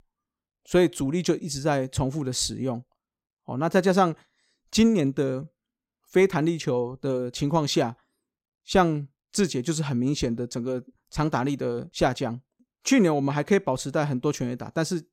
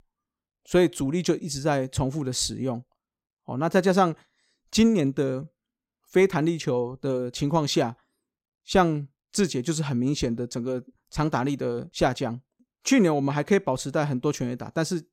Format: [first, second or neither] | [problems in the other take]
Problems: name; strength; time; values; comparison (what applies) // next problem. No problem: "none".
neither | none